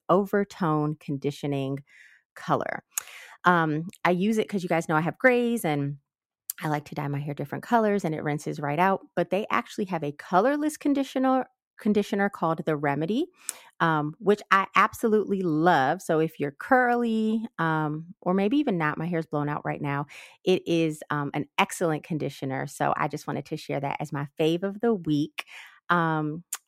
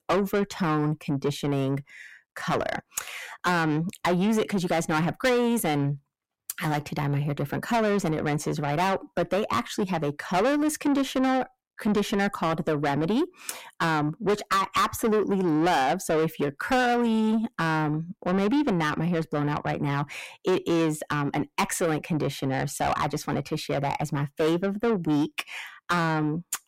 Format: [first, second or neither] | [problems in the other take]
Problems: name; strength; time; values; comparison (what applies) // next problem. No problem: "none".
first | distortion; heavy; 6 dB below the speech